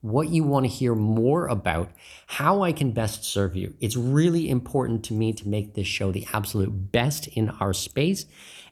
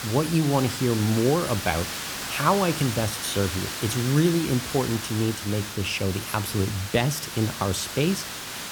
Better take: first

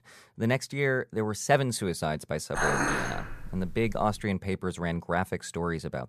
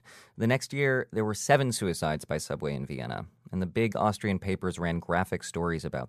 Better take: second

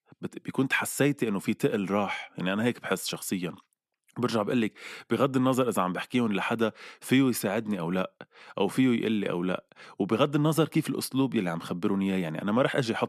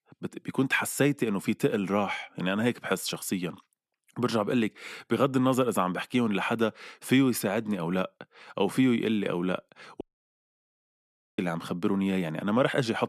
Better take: first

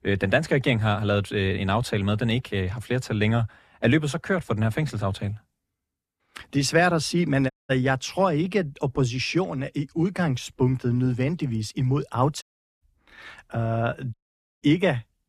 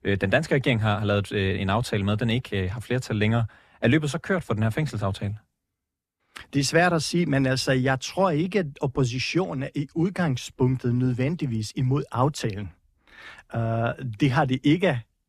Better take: second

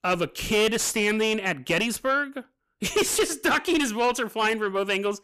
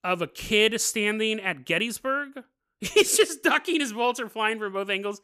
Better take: second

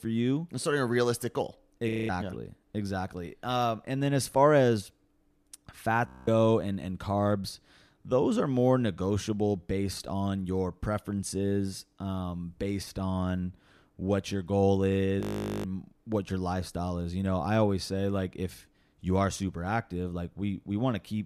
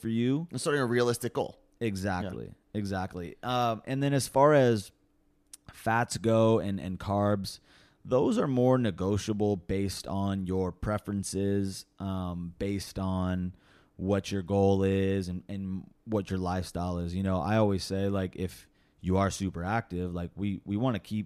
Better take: second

